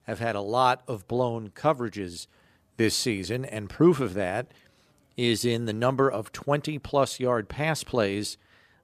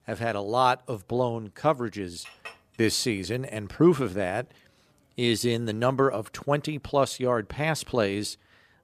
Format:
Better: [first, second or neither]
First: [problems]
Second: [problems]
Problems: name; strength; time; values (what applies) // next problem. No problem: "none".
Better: first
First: none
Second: clattering dishes; faint; at 2 s; peak 15 dB below the speech